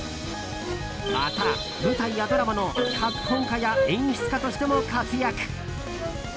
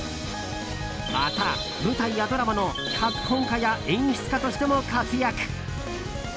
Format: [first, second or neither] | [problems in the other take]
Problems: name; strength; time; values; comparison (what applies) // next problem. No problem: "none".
second | background sound (Bowed string instrument + Wind instrument, woodwind instrument); 5 dB below the speech